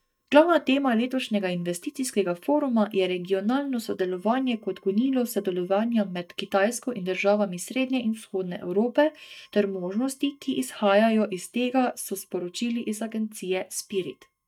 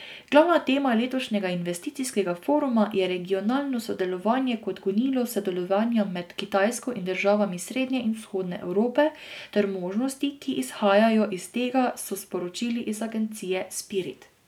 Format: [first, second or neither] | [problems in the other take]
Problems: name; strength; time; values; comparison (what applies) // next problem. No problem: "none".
second | noise reduction (neural mask model DeepFilterNet 3)